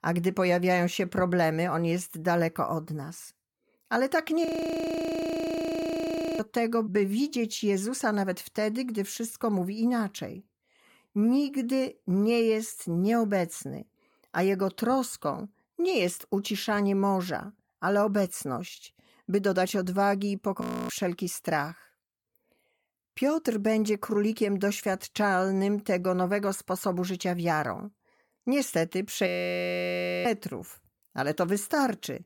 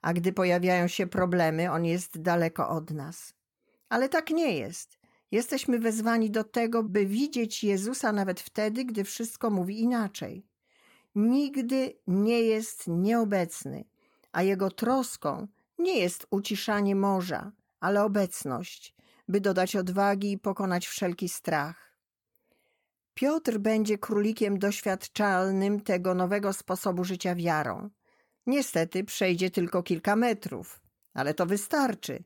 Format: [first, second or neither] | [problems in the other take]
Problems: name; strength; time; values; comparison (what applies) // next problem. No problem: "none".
second | audio freezing; at 4.5 s for 2 s, at 21 s and at 29 s for 1 s